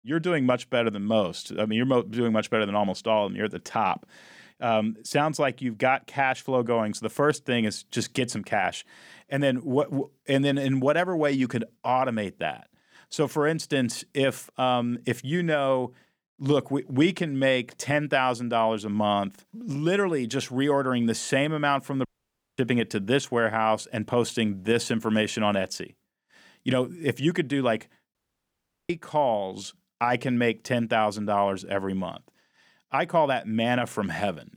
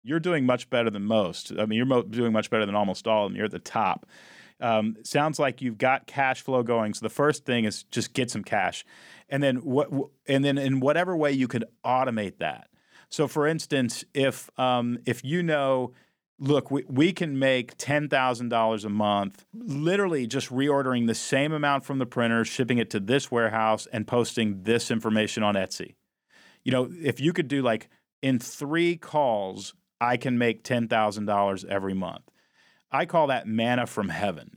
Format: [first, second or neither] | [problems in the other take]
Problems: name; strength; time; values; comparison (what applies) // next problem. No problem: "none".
second | audio cutting out; at 22 s for 0.5 s and at 28 s for 0.5 s